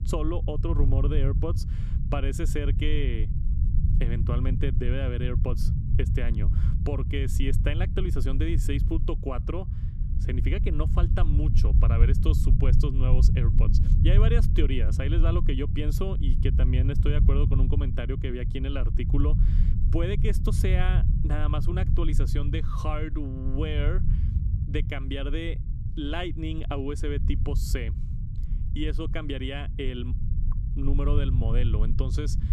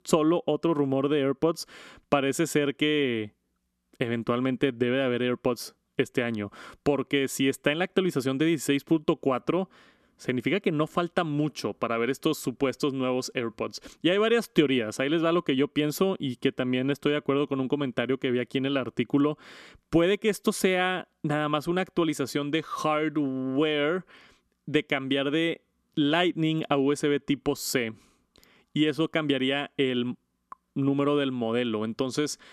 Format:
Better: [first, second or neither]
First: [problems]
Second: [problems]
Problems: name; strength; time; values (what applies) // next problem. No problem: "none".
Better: second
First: low rumble; loud; throughout; 6 dB below the speech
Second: none